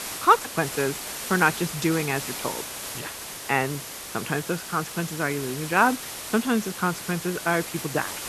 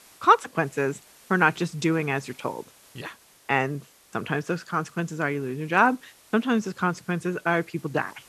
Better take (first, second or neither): second